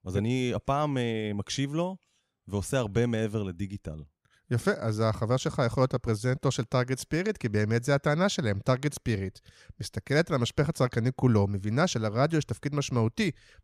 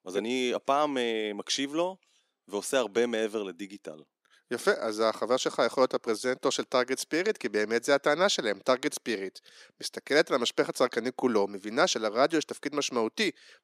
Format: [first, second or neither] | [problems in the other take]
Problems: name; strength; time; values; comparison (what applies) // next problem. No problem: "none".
first | thin; somewhat; fading below 300 Hz